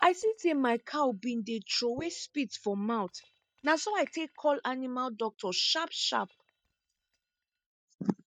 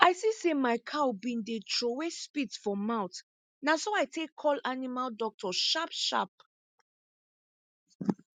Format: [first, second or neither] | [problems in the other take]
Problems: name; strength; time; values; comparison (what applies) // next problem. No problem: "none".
second | noise reduction (neural mask model DeepFilterNet 3)